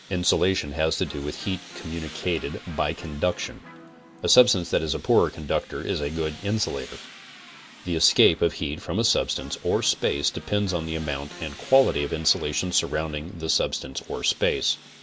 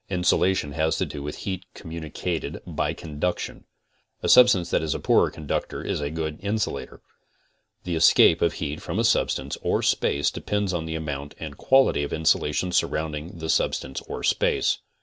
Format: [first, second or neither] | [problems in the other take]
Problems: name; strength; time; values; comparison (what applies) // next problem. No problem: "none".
second | background sound (Electric guitar + Tools); 19 dB below the speech